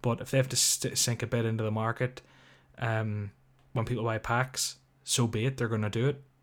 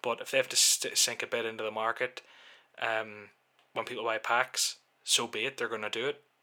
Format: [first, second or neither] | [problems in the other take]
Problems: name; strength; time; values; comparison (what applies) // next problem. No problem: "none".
first | thin; very; fading below 550 Hz